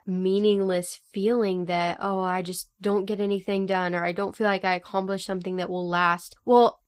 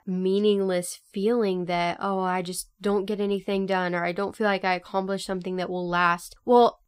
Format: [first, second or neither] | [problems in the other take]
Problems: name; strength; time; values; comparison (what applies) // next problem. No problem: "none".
second | garbled, watery; slightly; nothing above 15.5 kHz